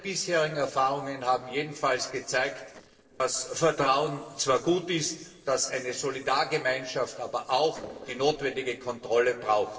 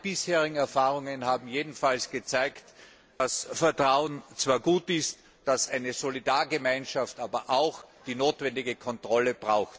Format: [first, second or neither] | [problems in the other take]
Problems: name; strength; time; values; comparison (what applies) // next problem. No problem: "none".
second | noise reduction (neural separator model SepFormer DNS4)